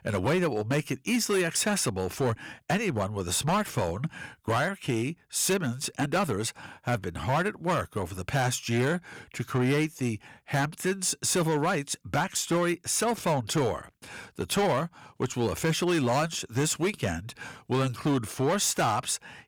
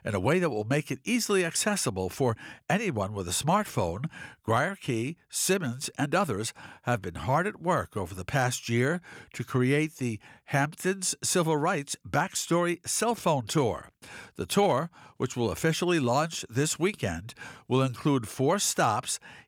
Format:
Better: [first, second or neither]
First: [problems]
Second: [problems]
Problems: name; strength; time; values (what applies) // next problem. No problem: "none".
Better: second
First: distortion; slight; 8% of the sound clipped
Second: none